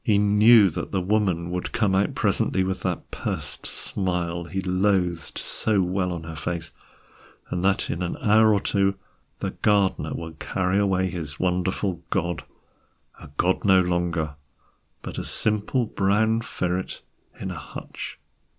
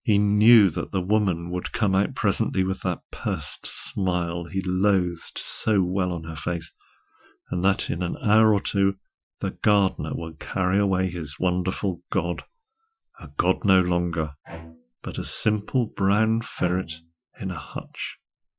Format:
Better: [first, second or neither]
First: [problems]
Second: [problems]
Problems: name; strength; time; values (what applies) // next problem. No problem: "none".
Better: first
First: none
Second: noise reduction (classical method Wiener filter)